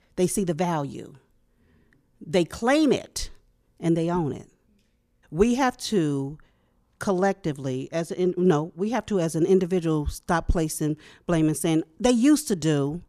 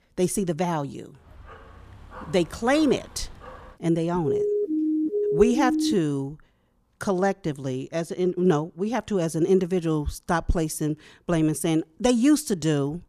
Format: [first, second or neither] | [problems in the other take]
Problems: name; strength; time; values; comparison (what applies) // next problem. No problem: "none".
first | dog barking; faint; from 1 to 4 s; peak 20 dB below the speech // siren; loud; from 4 to 6 s; peak level with the speech